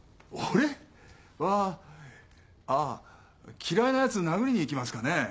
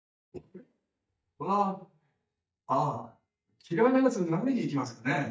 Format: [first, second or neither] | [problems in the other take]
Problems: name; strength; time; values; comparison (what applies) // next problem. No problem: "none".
first | noise reduction (neural mask model DeepFilterNet 3)